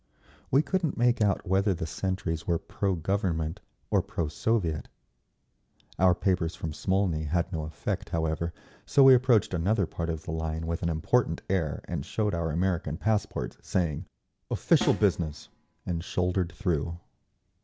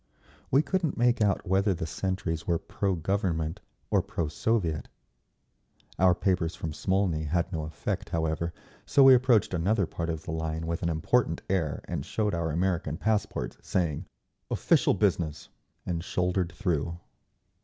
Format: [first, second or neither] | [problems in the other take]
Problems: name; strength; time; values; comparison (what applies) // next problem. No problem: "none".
second | background sound (Snare drum); 15 dB below the speech